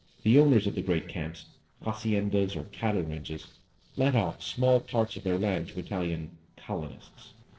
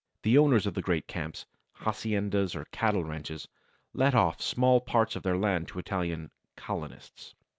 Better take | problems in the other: second | noise reduction (neural separator model SepFormer DNS4)

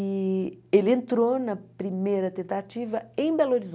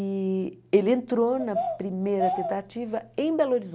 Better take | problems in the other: first | background sound (Bird vocalization, bird call, bird song); 6 dB below the speech

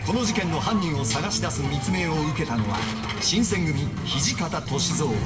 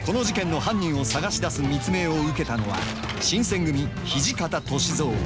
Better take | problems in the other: second | room echo; dies away in 2.8 s

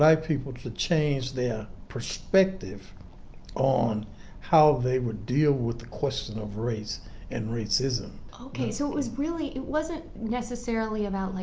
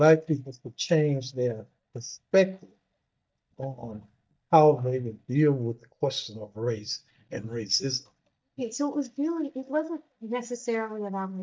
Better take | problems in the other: first | noise reduction (neural mask model DeepFilterNet 3)

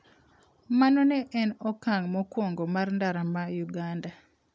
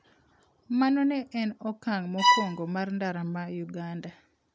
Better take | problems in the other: first | background sound (Bowed string instrument); 5 dB above the speech

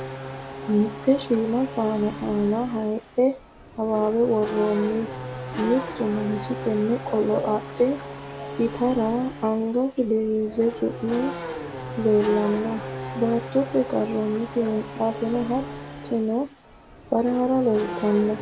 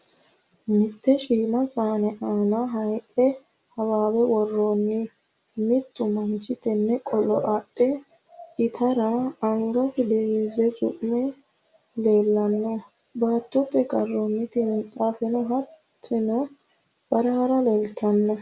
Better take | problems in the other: second | background sound (Race car, auto racing / Accelerating, revving, vroom); 10 dB below the speech

